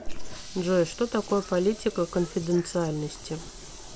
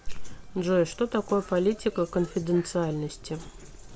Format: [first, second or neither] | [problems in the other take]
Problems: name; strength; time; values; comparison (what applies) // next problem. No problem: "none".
second | background sound (Toilet flush); 18 dB below the speech